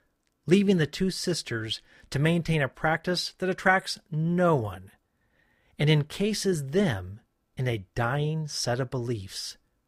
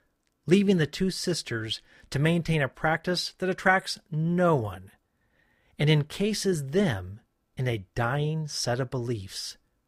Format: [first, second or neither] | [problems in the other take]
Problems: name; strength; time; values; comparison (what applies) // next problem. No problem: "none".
neither | none